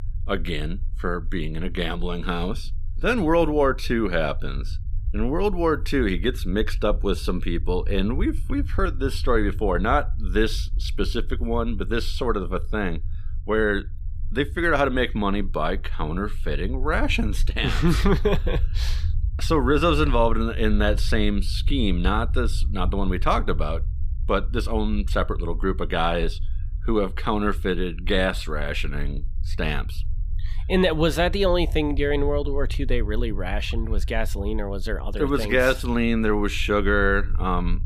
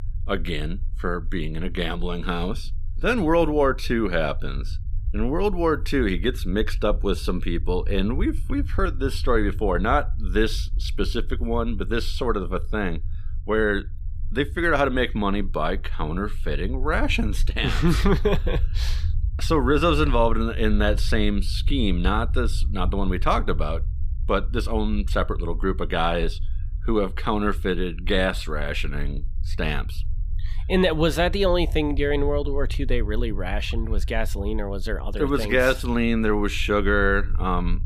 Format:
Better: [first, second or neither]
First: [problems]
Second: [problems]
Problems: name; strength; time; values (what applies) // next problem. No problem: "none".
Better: neither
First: low rumble; faint; throughout; 25 dB below the speech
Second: low rumble; faint; throughout; 25 dB below the speech